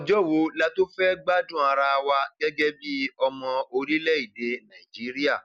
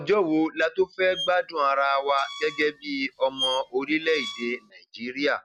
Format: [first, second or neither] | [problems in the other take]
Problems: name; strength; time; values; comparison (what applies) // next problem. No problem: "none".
first | background sound (Squeak); 11 dB below the speech